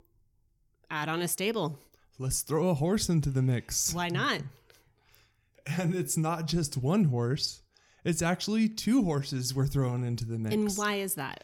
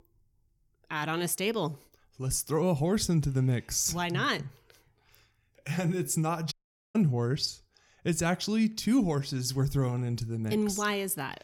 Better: first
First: none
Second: audio cutting out; at 6.5 s

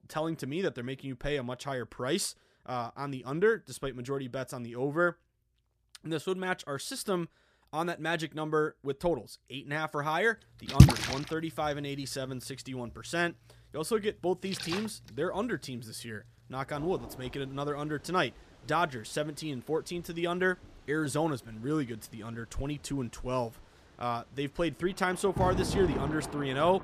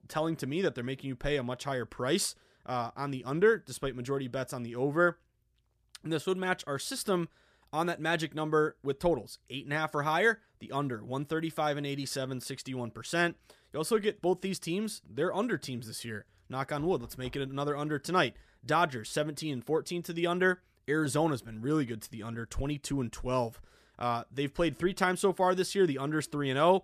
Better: second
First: rain or running water; very loud; from 11 s on; 5 dB above the speech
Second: none

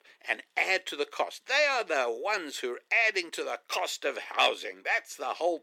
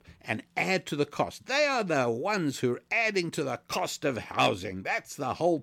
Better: second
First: thin; very; fading below 400 Hz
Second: none

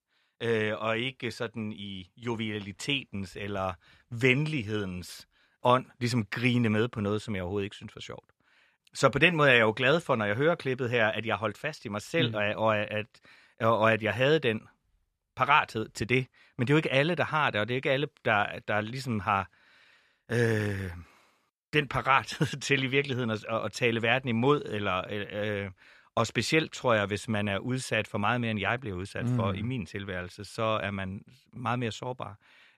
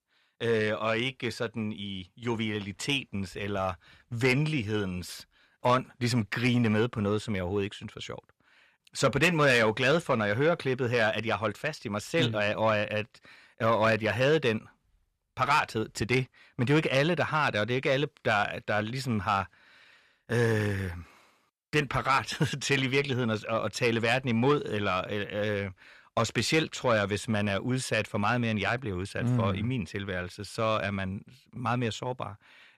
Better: first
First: none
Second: distortion; slight; 10 dB below the speech

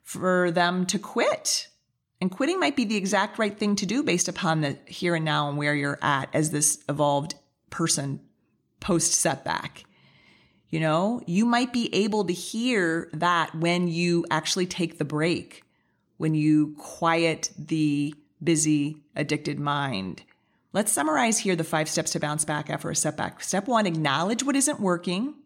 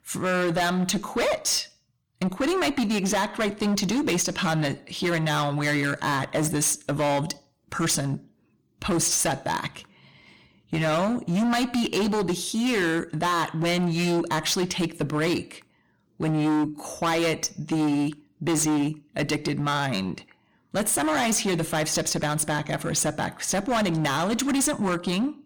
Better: first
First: none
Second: distortion; heavy; 19% of the sound clipped

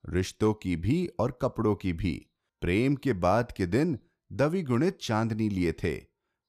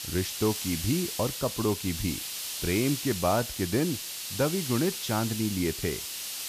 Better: first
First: none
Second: hiss; loud; throughout; 4 dB below the speech

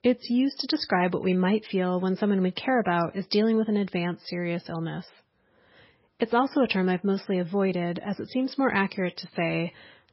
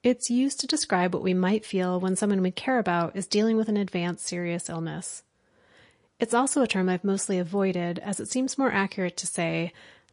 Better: second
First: garbled, watery; badly; nothing above 5.5 kHz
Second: garbled, watery; slightly; nothing above 10.5 kHz

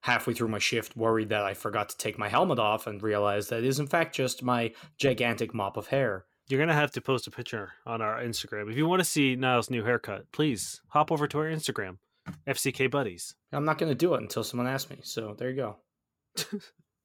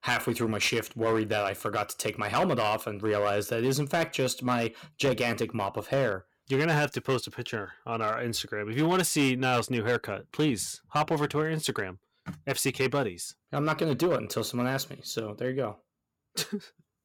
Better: first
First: none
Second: distortion; slight; 5% of the sound clipped

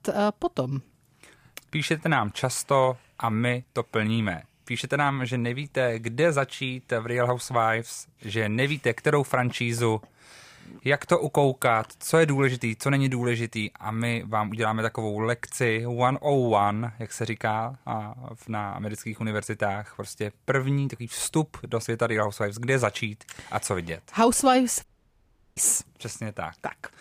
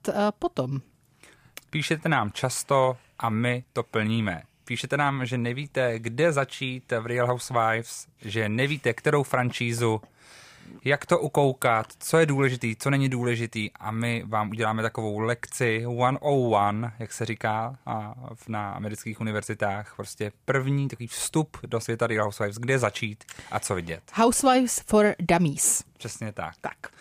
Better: second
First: audio cutting out; at 25 s for 0.5 s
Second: none

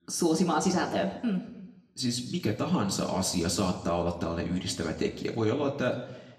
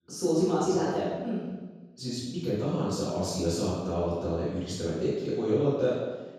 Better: first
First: room echo; slight; dies away in 1 s // off-mic speech; somewhat distant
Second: room echo; strong; dies away in 1.2 s // off-mic speech; far

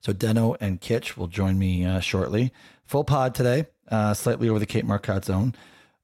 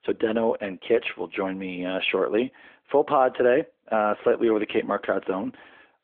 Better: first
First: none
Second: phone-call audio; nothing above 3.5 kHz

